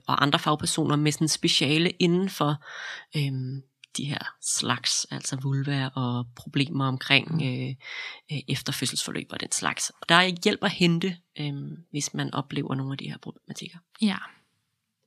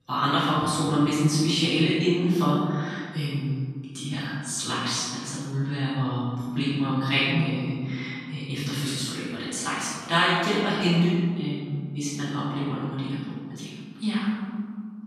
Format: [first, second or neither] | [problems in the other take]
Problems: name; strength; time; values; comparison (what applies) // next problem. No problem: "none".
first | off-mic speech; far // room echo; strong; dies away in 1.8 s